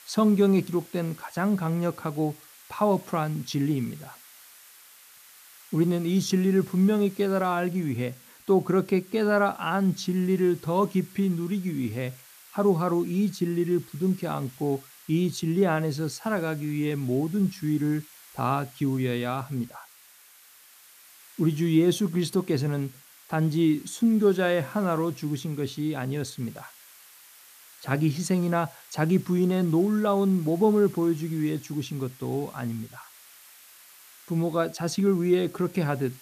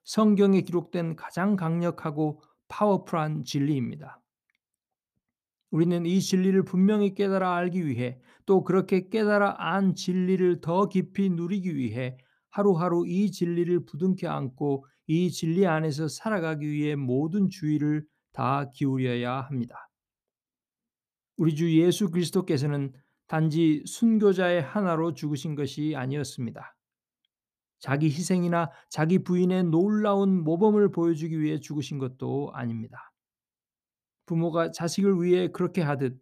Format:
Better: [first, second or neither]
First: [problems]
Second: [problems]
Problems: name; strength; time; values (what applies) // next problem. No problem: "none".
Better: second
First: hiss; faint; throughout; 20 dB below the speech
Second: none